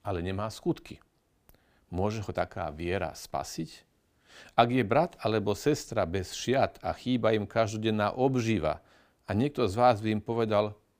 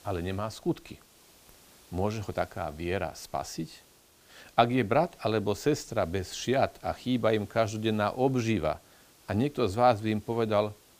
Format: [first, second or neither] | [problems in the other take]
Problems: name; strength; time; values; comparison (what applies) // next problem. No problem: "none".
first | hiss; faint; throughout; 25 dB below the speech